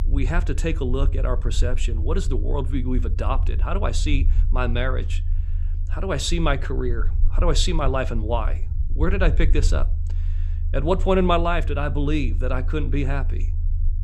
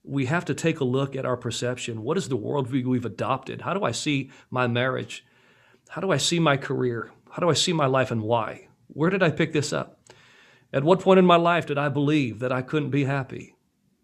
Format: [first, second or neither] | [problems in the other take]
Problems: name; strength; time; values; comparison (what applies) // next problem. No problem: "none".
second | low rumble; noticeable; throughout; 20 dB below the speech